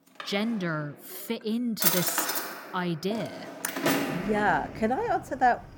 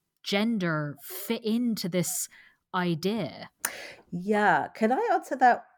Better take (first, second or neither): second